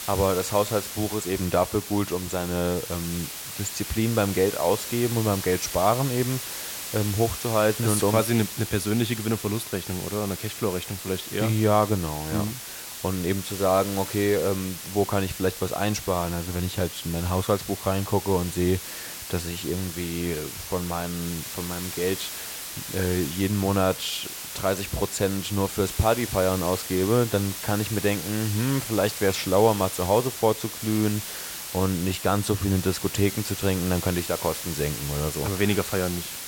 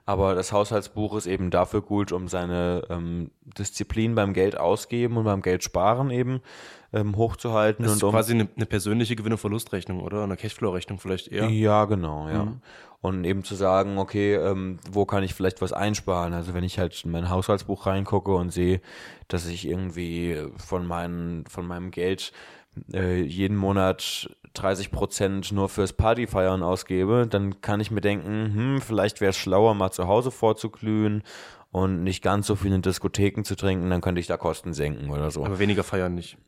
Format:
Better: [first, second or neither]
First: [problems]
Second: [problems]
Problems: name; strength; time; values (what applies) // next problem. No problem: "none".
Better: second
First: hiss; loud; throughout; 7 dB below the speech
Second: none